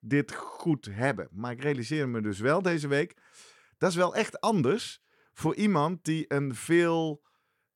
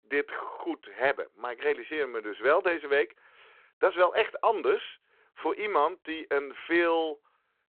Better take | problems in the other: first | phone-call audio

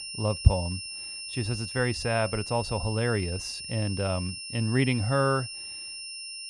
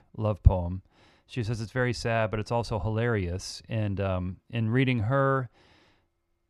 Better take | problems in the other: second | high-pitched whine; loud; throughout; 5.5 kHz, 7 dB below the speech

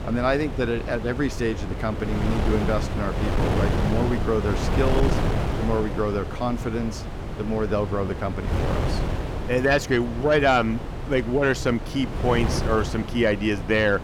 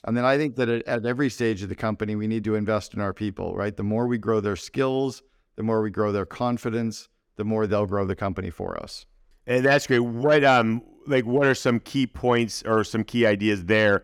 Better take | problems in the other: second | wind noise on the microphone; heavy; 7 dB below the speech

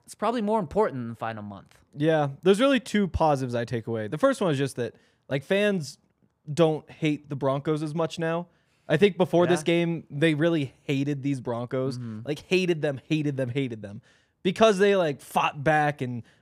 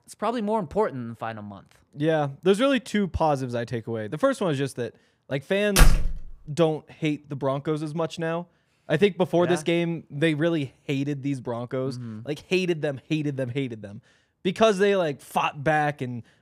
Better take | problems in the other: first | door banging; loud; at 6 s; peak 5 dB above the speech

